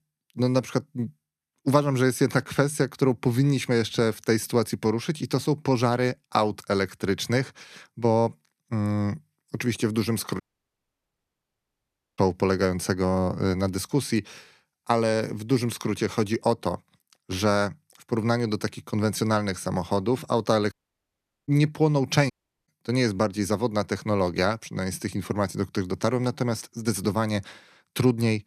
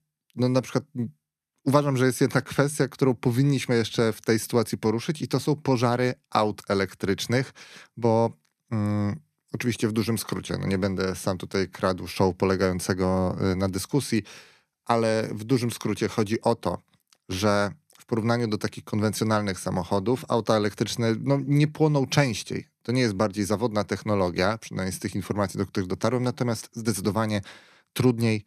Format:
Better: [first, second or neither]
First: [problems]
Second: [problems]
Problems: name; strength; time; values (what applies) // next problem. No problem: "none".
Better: second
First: audio cutting out; at 10 s for 2 s, at 21 s for 1 s and at 22 s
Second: none